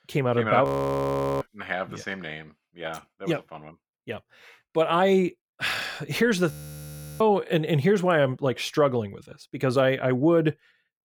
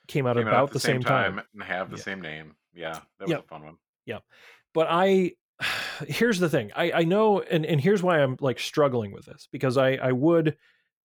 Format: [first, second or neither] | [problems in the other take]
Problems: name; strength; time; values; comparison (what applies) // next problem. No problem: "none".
second | audio freezing; at 0.5 s for 1 s and at 6.5 s for 0.5 s